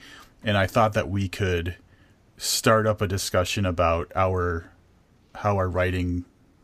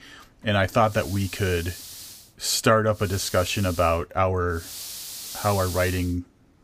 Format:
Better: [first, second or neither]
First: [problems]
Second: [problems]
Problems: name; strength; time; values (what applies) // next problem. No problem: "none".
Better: first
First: none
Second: hiss; noticeable; from 1 to 2 s, at 3 s and from 4.5 to 6 s; 10 dB below the speech